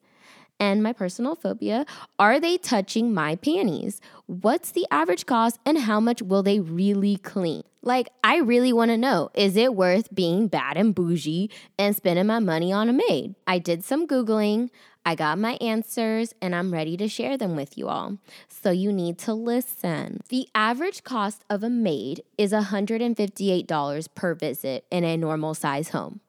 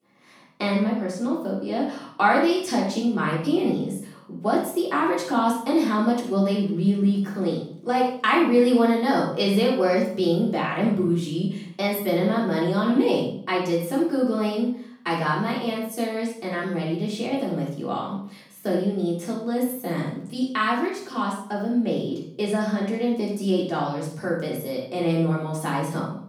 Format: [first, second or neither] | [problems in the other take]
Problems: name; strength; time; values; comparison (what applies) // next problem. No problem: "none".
first | off-mic speech; far // room echo; noticeable; dies away in 0.5 s